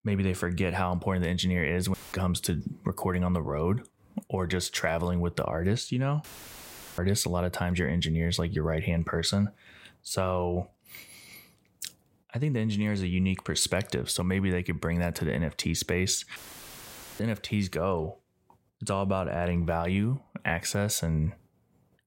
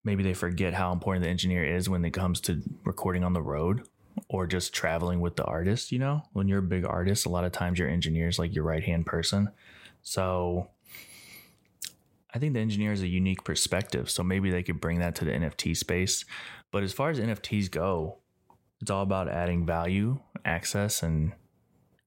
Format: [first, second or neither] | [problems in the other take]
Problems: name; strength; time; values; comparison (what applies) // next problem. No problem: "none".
second | audio cutting out; filled with static; at 2 s, at 6 s for 0.5 s and at 16 s for 1 s